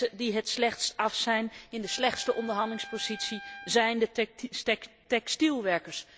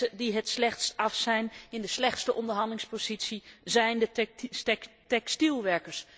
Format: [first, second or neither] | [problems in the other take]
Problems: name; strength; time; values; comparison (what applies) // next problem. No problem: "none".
second | background sound (Trumpet); 17 dB below the speech